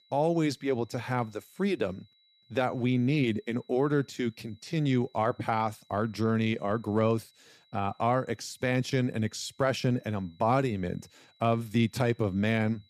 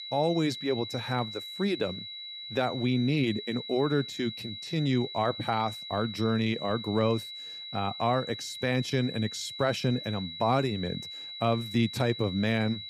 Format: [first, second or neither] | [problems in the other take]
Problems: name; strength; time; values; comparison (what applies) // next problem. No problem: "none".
first | high-pitched whine; loud; throughout; 4 kHz, 9 dB below the speech; faint in the first